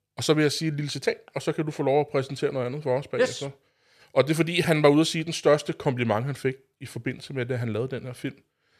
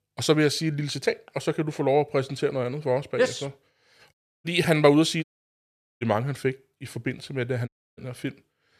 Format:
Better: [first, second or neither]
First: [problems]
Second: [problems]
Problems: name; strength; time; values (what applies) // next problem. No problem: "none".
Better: first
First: none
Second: audio cutting out; at 4 s, at 5 s for 1 s and at 7.5 s